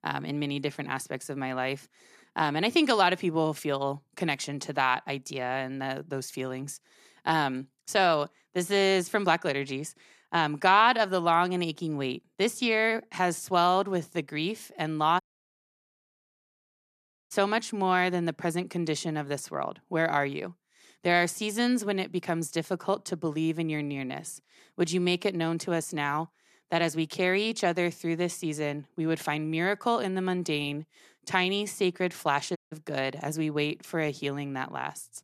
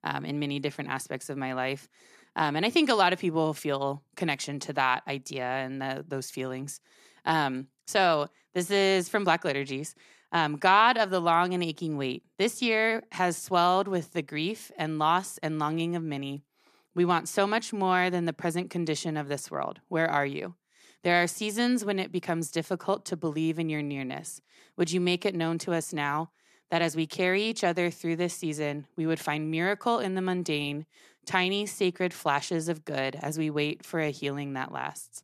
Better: second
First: audio cutting out; at 15 s for 2 s and at 33 s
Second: none

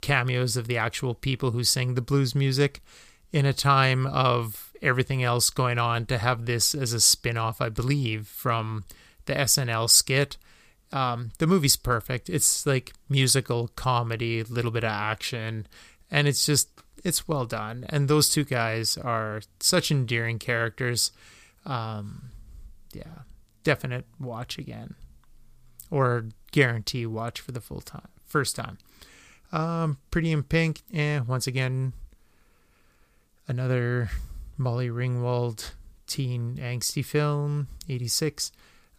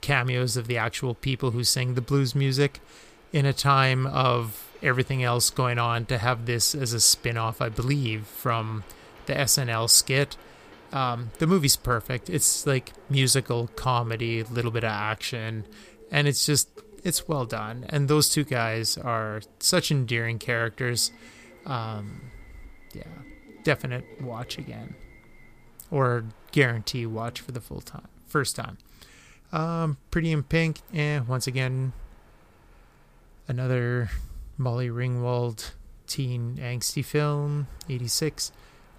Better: first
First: none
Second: train or aircraft noise; faint; throughout; 25 dB below the speech

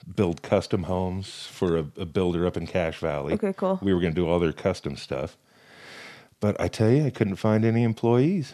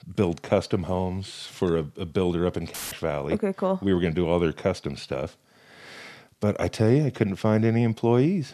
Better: first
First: none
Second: audio cutting out; filled with static; at 2.5 s

